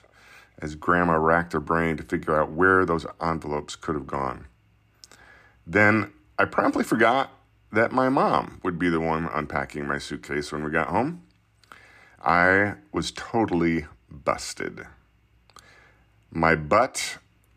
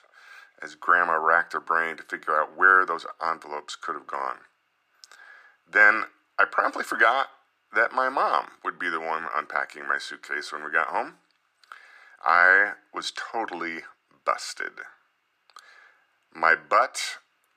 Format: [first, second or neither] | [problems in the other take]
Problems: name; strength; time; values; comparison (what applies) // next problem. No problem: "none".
first | thin; very; fading below 600 Hz